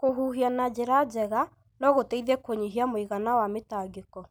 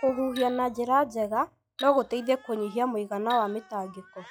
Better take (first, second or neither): first